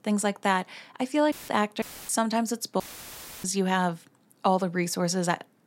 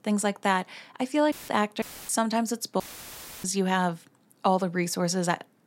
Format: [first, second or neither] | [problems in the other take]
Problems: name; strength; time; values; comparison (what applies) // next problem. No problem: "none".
neither | audio cutting out; filled with static; at 1.5 s, at 2 s and at 3 s for 0.5 s; the same in both